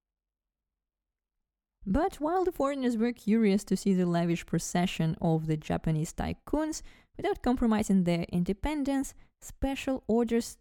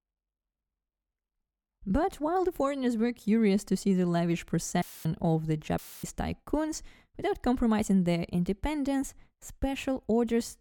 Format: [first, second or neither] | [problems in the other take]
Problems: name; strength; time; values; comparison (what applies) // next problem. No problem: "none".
first | audio cutting out; filled with static; at 5 s and at 6 s